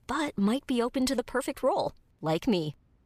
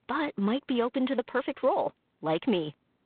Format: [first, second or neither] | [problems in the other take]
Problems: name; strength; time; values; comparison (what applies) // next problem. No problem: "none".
first | phone-call audio; poor line